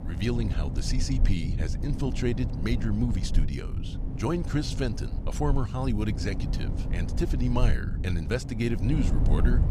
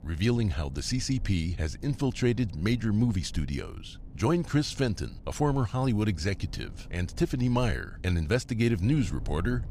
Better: second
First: wind noise on the microphone; heavy; 8 dB below the speech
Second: wind noise on the microphone; occasional gusts; 25 dB below the speech

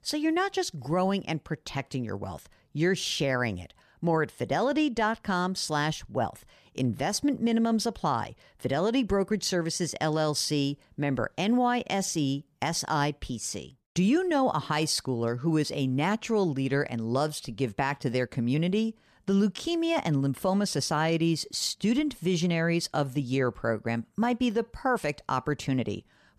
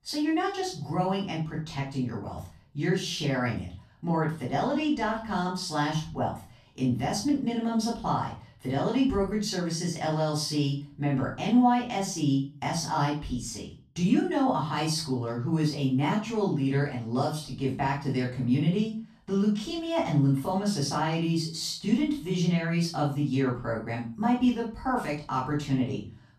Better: first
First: none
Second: off-mic speech; far // room echo; slight; dies away in 0.4 s

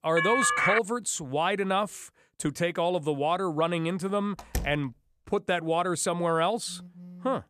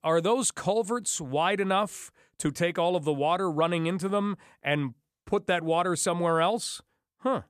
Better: second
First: phone ringing; loud; at the start; peak 5 dB above the speech // door banging; noticeable; at 4.5 s; peak 7 dB below the speech // phone ringing; faint; at 6.5 s; peak 15 dB below the speech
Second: none

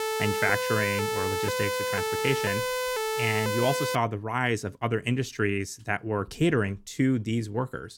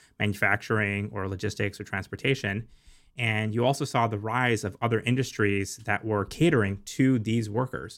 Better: second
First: siren; loud; until 4 s; peak level with the speech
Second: none

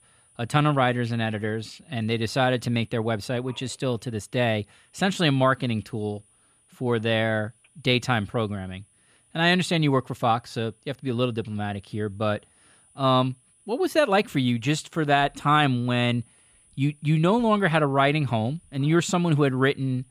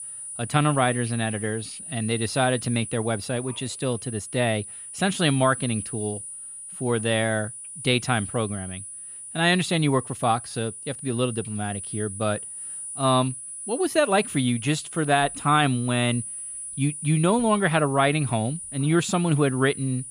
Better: first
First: high-pitched whine; faint; throughout; 9.5 kHz, 35 dB below the speech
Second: high-pitched whine; loud; throughout; 9.5 kHz, 10 dB below the speech

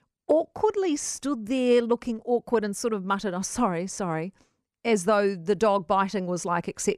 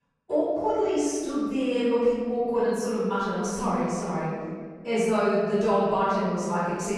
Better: first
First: none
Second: room echo; strong; dies away in 1.8 s // off-mic speech; far

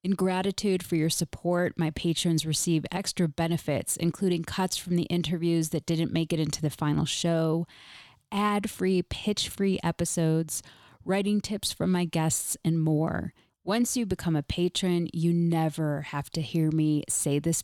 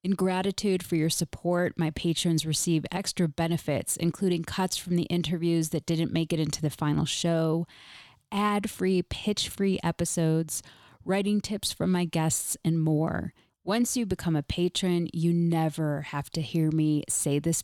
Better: neither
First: none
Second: none

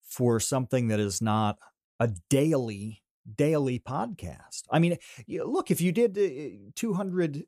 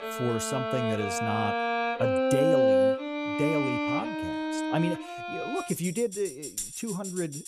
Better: first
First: none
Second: background music; very loud; throughout; 3 dB above the speech

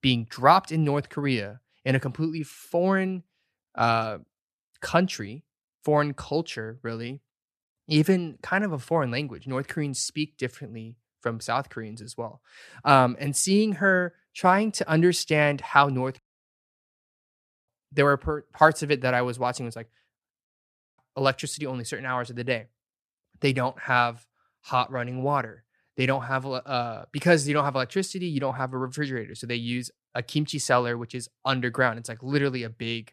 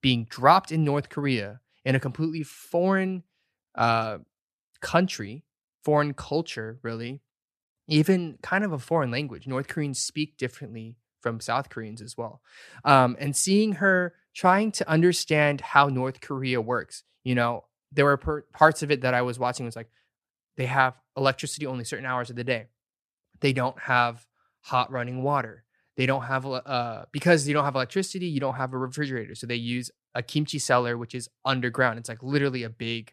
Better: second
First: audio cutting out; at 16 s for 1.5 s and at 20 s for 0.5 s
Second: none

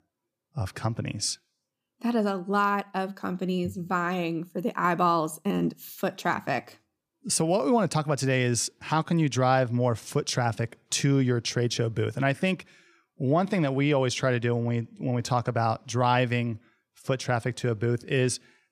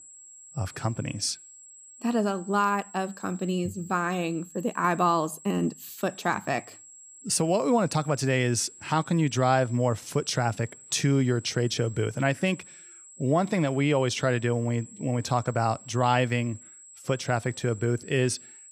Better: first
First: none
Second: high-pitched whine; noticeable; throughout; 7.5 kHz, 20 dB below the speech

